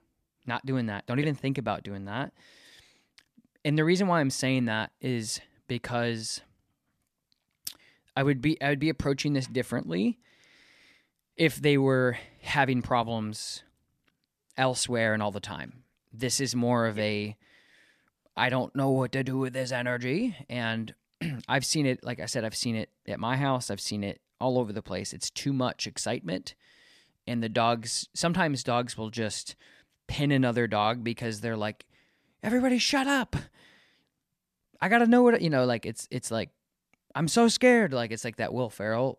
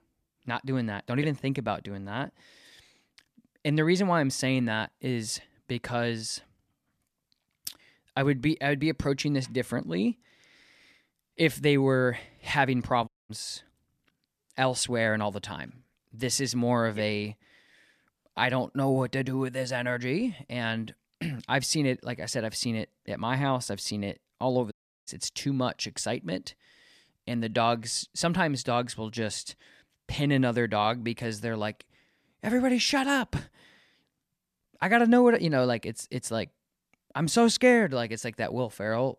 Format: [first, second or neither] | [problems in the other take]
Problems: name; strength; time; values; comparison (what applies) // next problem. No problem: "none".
first | audio cutting out; at 13 s and at 25 s